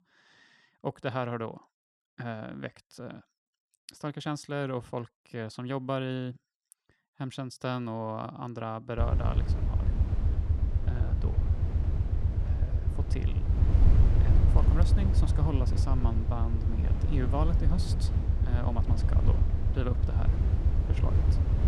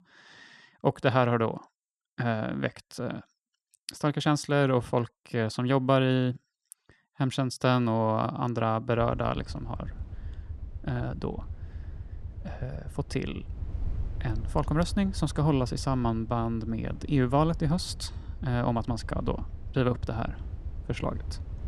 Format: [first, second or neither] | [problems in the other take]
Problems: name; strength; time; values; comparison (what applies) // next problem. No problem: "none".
second | low rumble; loud; from 9 s on; 4 dB below the speech; faint in the second